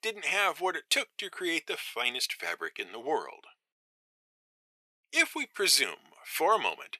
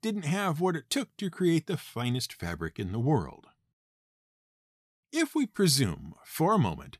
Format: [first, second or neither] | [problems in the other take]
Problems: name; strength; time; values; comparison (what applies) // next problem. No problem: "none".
second | thin; very; fading below 450 Hz